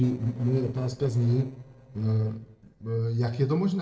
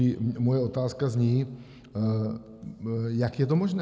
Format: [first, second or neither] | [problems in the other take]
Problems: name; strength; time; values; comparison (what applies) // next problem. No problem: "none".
second | noise reduction (neural separator model SepFormer DNS4)